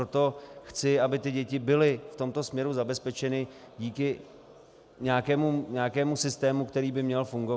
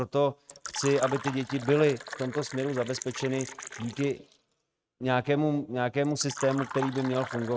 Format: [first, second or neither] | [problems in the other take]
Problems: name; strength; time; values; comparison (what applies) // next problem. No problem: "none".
first | noise reduction (neural mask model RNNoise)